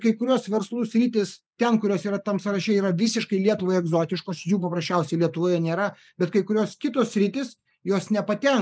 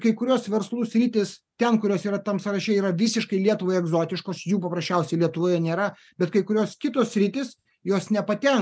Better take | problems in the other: second | noise reduction (neural mask model Resemble Enhance denoiser)

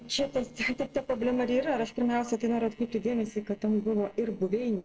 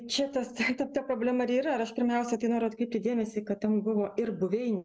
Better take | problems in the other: second | noise reduction (neural separator model SepFormer DNS4)

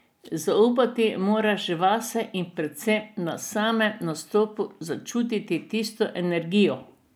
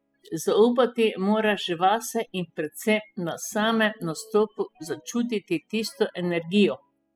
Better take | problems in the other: first | noise reduction (classical method spectral subtraction)

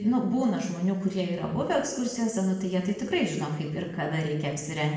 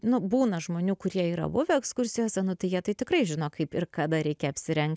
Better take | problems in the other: second | room echo; dies away in 0.9 s

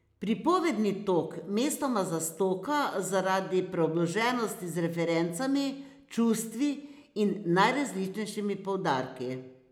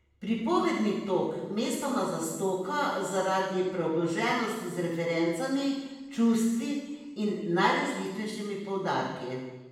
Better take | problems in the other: first | room echo; dies away in 1 s

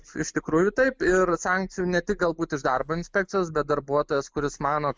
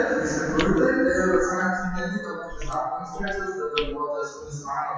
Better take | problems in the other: first | noise reduction (classical method WPE with log-MMSE)

